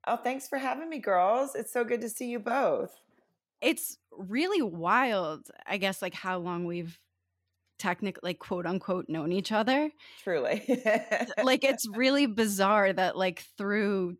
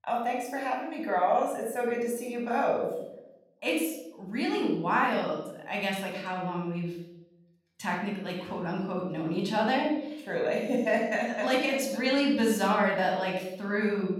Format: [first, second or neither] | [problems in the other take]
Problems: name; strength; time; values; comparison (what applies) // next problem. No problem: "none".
first | off-mic speech; somewhat distant // room echo; noticeable; dies away in 0.7 s